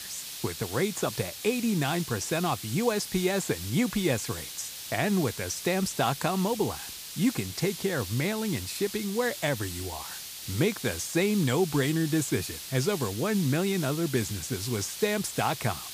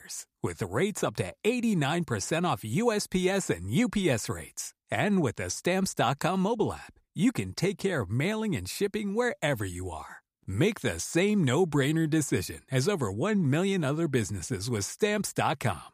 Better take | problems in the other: second | hiss; loud; throughout; 8 dB below the speech

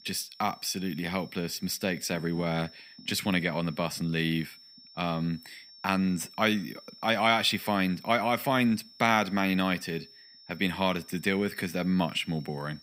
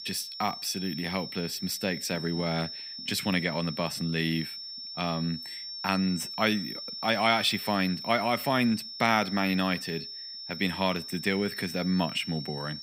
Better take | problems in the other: first | high-pitched whine; loud; throughout; 5.5 kHz, 8 dB below the speech; faint in the first

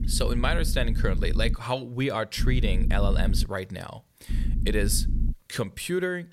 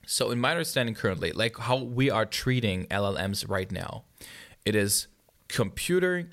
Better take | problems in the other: second | low rumble; noticeable; until 1.5 s, from 2.5 to 3.5 s and from 4.5 to 5.5 s; 15 dB below the speech

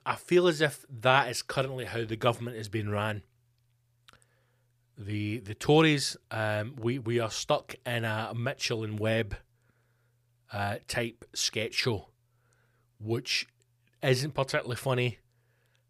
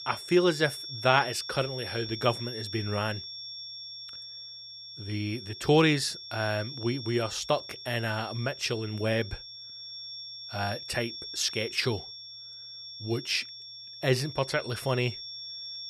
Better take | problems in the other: first | high-pitched whine; loud; throughout; 5.5 kHz, 10 dB below the speech

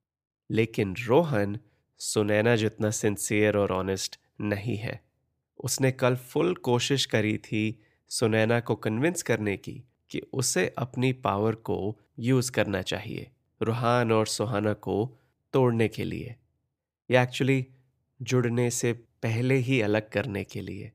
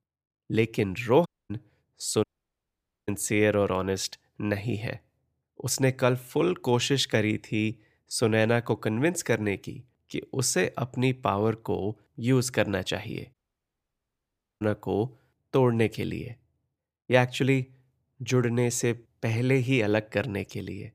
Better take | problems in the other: first | audio cutting out; at 1.5 s, at 2 s for 1 s and at 13 s for 1.5 s

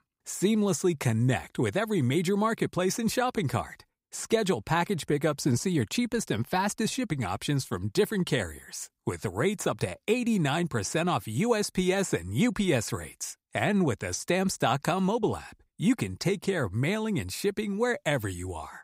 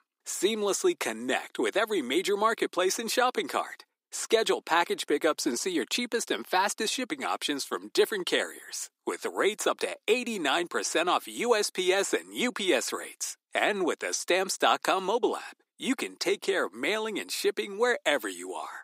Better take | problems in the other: first | thin; somewhat; fading below 300 Hz

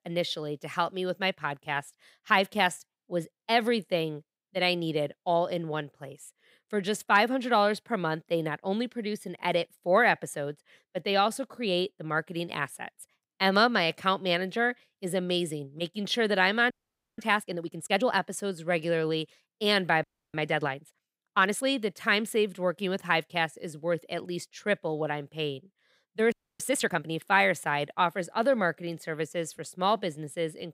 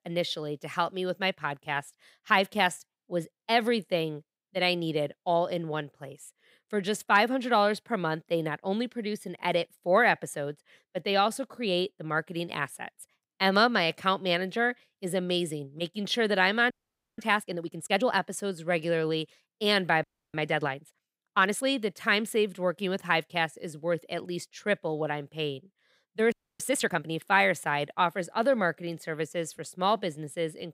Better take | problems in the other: neither | audio freezing; at 17 s, at 20 s and at 26 s; the same in both

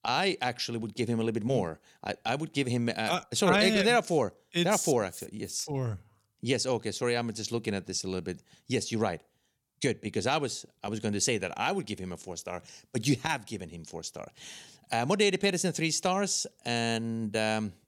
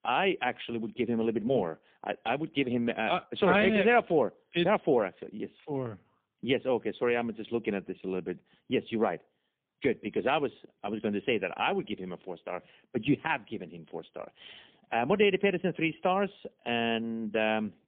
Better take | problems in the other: first | phone-call audio; poor line

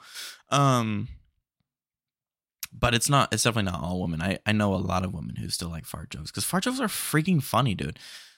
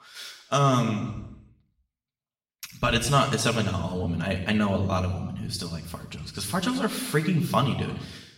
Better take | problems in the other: first | room echo; noticeable; dies away in 1 s // off-mic speech; somewhat distant

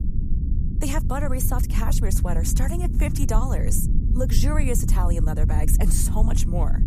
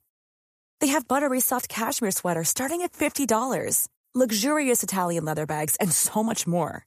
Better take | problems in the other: second | low rumble; loud; throughout; 7 dB below the speech

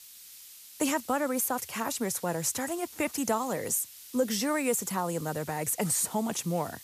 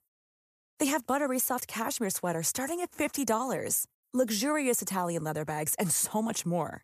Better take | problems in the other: second | hiss; noticeable; throughout; 15 dB below the speech

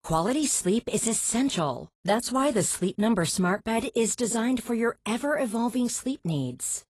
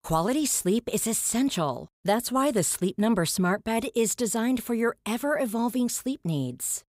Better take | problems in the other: second | garbled, watery; slightly; nothing above 11.5 kHz

